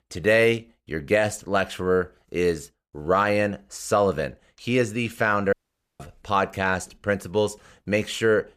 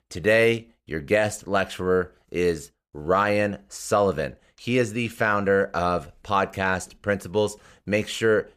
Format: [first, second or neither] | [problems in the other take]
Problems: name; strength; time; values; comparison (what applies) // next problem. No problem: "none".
second | audio cutting out; at 5.5 s